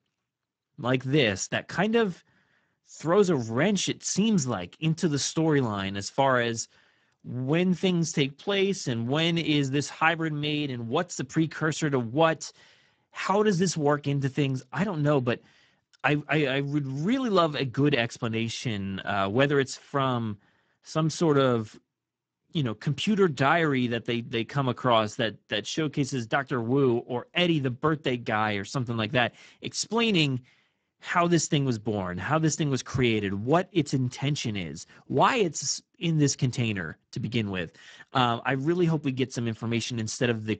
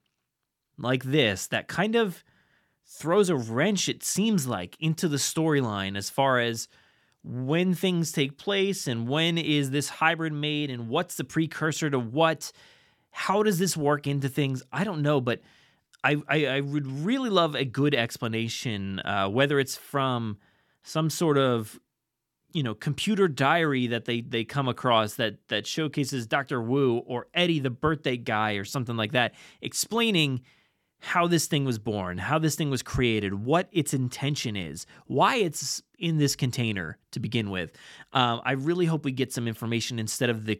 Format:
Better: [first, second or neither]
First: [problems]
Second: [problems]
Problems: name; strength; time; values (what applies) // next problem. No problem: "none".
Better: second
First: garbled, watery; badly; nothing above 7.5 kHz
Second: none